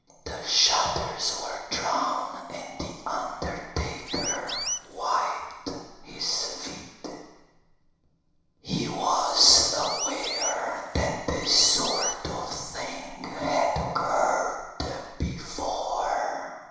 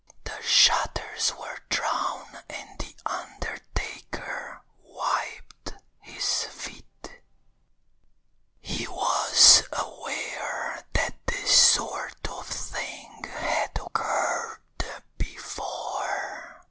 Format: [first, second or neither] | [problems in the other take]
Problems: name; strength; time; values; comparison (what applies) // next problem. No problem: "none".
second | background sound (Chirp, tweet); 5 dB below the speech // room echo; dies away in 1 s